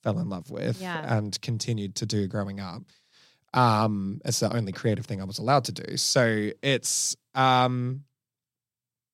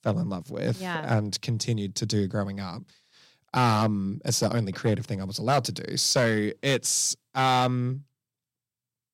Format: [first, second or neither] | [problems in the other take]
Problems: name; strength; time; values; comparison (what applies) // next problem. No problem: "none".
first | distortion; slight; 2% of the sound clipped